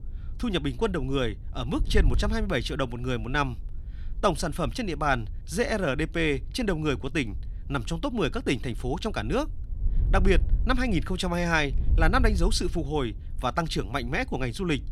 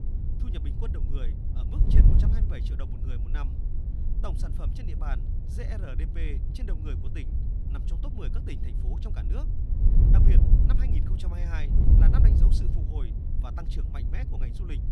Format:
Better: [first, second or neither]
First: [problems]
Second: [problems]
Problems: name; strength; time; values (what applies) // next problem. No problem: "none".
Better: first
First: wind noise on the microphone; occasional gusts; 25 dB below the speech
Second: wind noise on the microphone; heavy; 1 dB above the speech